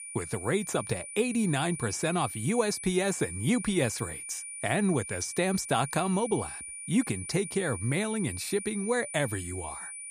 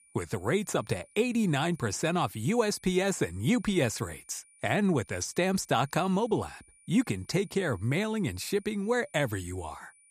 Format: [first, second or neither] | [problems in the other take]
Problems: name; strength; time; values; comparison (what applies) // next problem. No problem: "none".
second | high-pitched whine; loud; throughout; 9.5 kHz, 8 dB below the speech; faint in the second